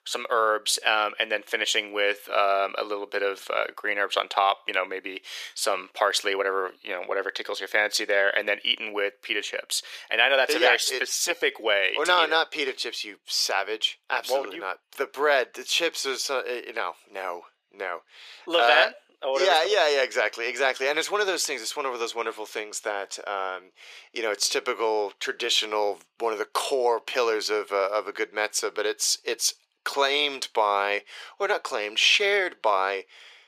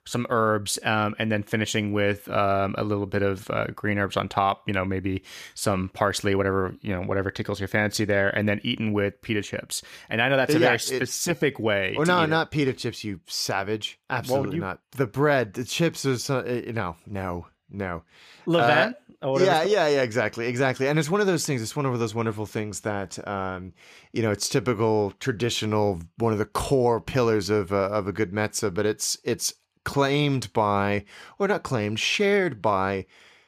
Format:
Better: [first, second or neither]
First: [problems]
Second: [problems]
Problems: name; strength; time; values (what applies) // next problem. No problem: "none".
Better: second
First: thin; very; fading below 450 Hz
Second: none